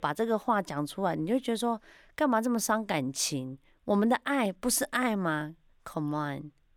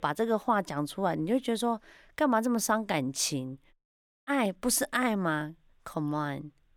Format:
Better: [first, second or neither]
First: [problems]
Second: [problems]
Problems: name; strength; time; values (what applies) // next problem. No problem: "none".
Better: first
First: none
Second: audio cutting out; at 3.5 s for 0.5 s